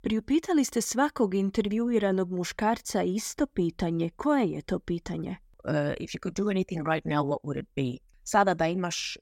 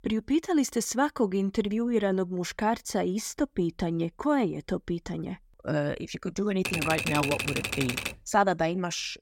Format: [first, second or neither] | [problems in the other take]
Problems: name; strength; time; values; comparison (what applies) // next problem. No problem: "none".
first | keyboard typing; noticeable; from 6.5 to 8 s; peak level with the speech